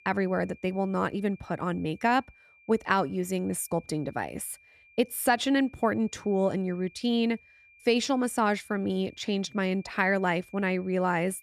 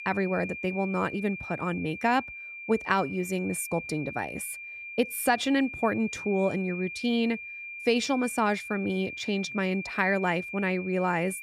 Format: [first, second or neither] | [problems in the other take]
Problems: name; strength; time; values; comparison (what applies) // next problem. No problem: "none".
first | high-pitched whine; loud; throughout; 2.5 kHz, 9 dB below the speech; faint in the first